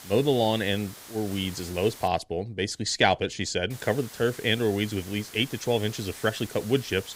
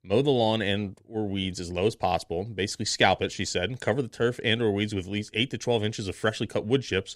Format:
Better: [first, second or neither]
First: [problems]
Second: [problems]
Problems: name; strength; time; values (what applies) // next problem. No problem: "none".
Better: second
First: hiss; noticeable; until 2 s and from 3.5 s on; 15 dB below the speech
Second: none